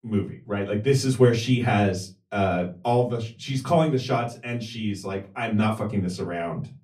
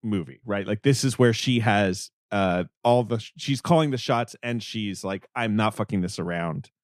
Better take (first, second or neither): second